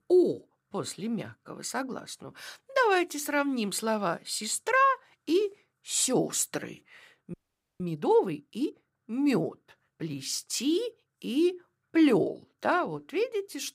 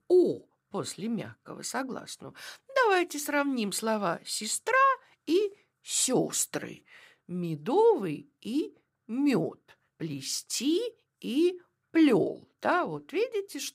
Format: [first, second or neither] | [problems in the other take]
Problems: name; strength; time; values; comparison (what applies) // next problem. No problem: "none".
second | audio freezing; at 7.5 s